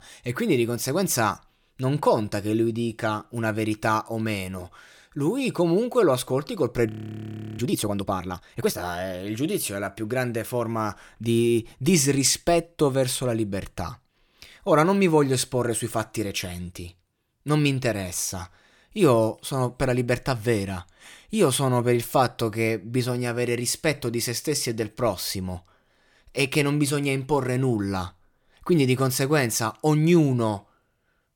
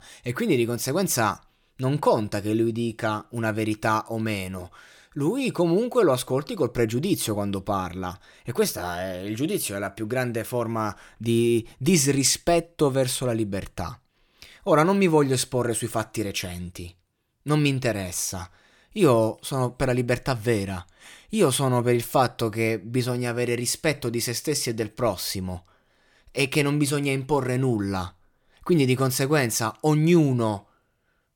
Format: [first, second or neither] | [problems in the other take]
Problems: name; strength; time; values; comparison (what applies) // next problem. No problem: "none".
second | audio freezing; at 7 s for 0.5 s